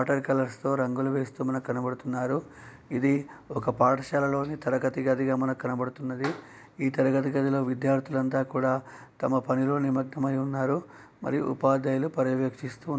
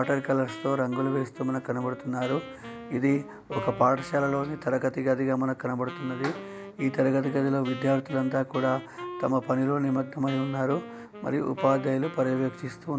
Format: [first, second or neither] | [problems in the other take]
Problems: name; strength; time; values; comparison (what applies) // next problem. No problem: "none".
first | background sound (Wind instrument, woodwind instrument); 14 dB below the speech